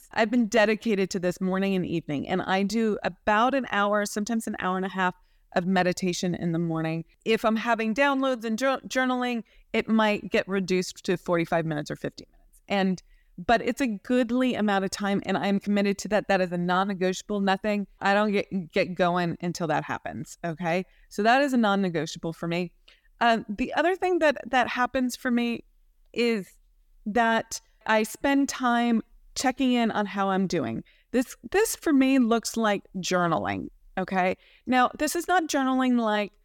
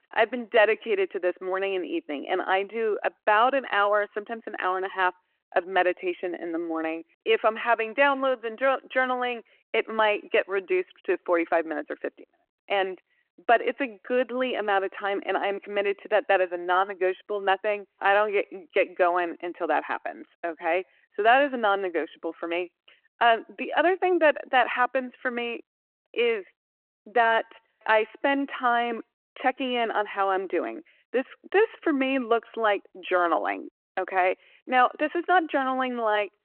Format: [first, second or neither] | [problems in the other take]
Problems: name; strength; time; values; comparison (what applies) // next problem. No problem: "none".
first | phone-call audio